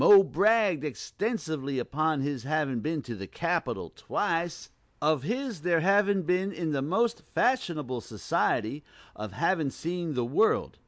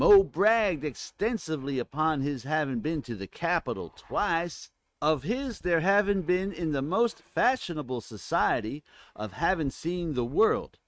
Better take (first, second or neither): first